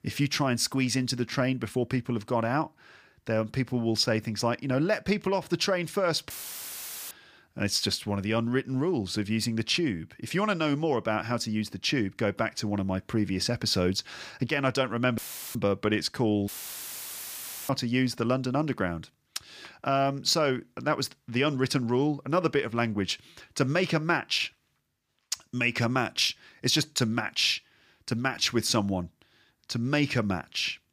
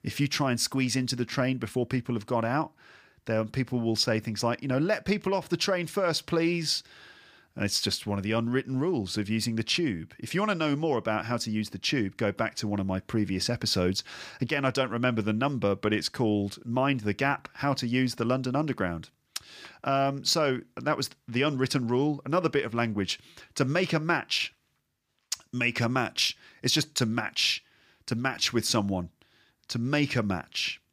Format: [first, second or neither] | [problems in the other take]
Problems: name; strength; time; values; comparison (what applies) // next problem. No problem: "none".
second | audio cutting out; filled with static; at 6.5 s for 1 s, at 15 s and at 16 s for 1 s